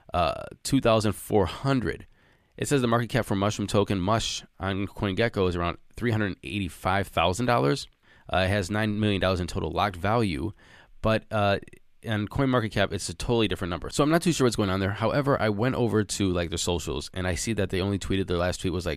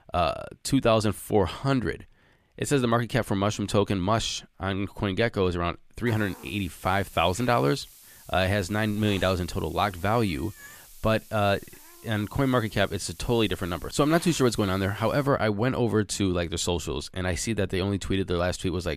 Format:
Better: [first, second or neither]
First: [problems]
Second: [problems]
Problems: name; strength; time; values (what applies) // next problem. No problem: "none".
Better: first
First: none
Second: hiss; faint; from 6 to 15 s; 20 dB below the speech